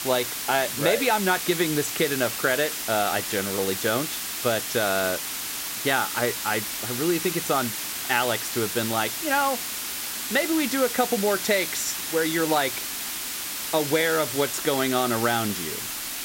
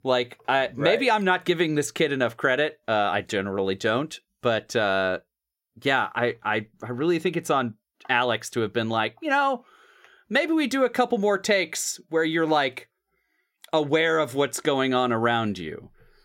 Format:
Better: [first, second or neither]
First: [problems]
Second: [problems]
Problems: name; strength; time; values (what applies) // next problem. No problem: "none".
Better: second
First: hiss; loud; throughout; 3 dB below the speech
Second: none